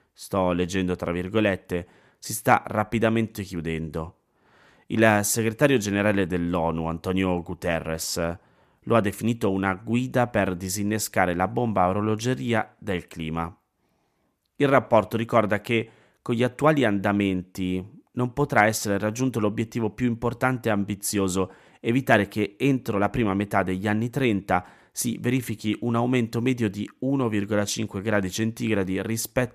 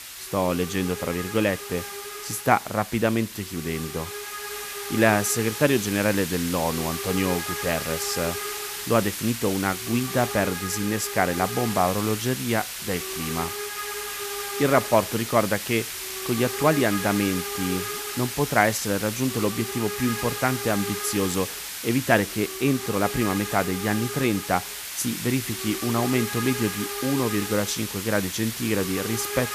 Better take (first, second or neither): first